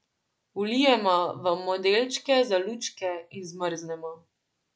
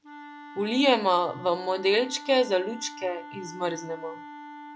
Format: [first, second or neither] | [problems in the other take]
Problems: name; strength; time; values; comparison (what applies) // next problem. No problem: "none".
first | background sound (Wind instrument, woodwind instrument); 15 dB below the speech